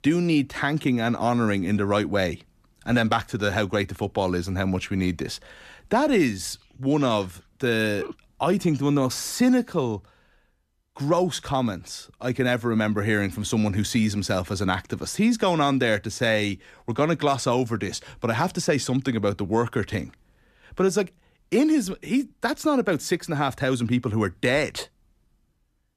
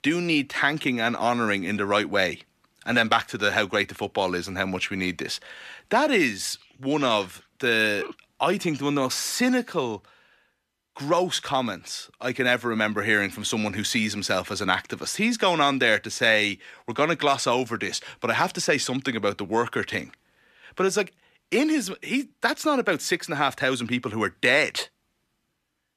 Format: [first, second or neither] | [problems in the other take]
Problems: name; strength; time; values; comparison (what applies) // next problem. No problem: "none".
first | thin; very slightly; fading below 700 Hz